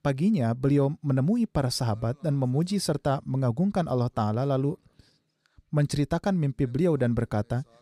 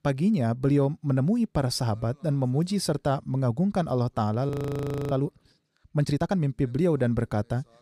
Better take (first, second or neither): first